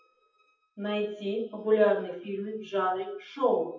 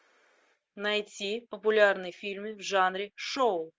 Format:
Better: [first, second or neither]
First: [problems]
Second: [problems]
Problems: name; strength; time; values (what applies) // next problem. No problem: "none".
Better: second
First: noise reduction (classical method WPE with log-MMSE)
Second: none